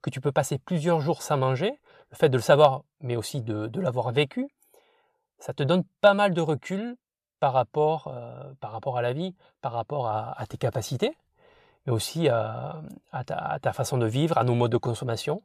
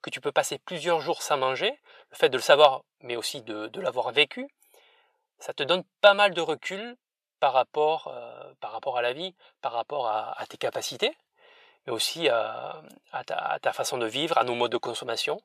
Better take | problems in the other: first | thin; very; fading below 400 Hz

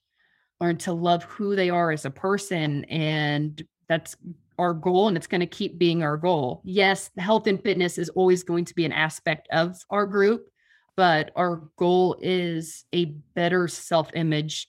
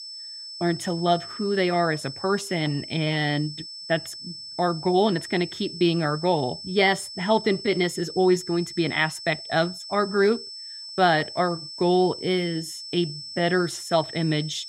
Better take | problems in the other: first | high-pitched whine; noticeable; throughout; 5.5 kHz, 10 dB below the speech

